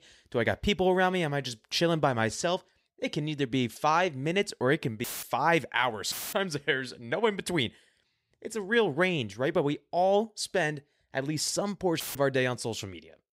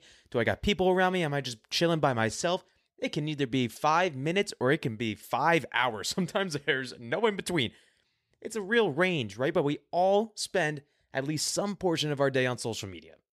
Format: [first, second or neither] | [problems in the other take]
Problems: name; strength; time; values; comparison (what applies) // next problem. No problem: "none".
second | audio cutting out; filled with static; at 5 s, at 6 s and at 12 s